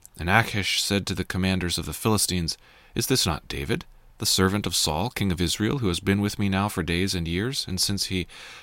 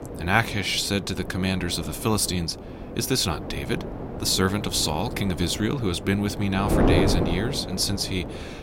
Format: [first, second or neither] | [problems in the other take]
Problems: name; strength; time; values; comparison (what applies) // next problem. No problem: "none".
first | wind noise on the microphone; heavy; 7 dB below the speech